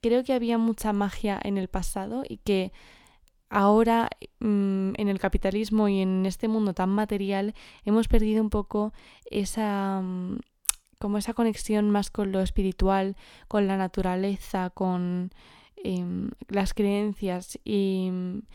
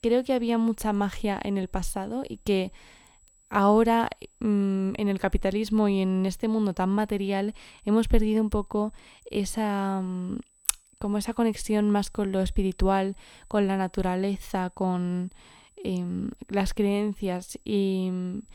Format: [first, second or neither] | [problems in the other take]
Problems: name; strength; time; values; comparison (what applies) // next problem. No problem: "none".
first | high-pitched whine; faint; throughout; 8 kHz, 35 dB below the speech